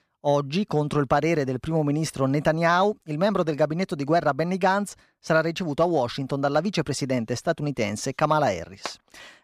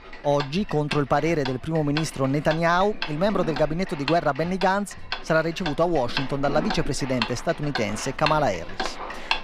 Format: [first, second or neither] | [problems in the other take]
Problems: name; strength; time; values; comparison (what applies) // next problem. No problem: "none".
first | household noises; loud; throughout; 9 dB below the speech